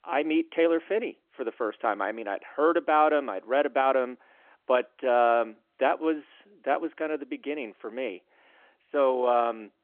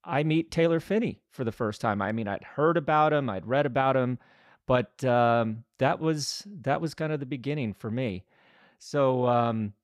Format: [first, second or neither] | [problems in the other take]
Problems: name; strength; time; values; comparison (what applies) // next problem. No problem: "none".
second | phone-call audio